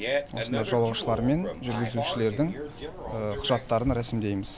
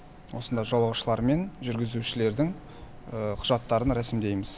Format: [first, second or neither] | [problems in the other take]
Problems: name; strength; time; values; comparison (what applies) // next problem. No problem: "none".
second | background sound (Fart); 7 dB below the speech